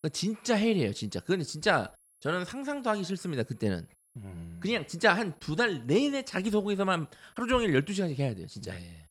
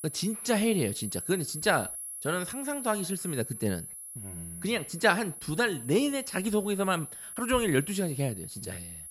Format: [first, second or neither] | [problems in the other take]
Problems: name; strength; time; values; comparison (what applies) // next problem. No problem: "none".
first | high-pitched whine; loud; throughout; 11 kHz, 8 dB below the speech; faint in the first